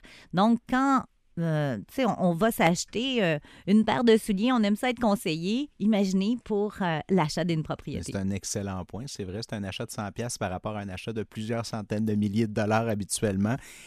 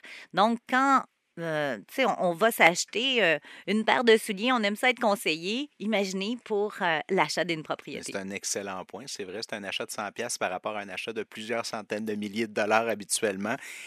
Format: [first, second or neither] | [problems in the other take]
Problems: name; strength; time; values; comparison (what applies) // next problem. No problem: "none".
first | thin; somewhat; fading below 350 Hz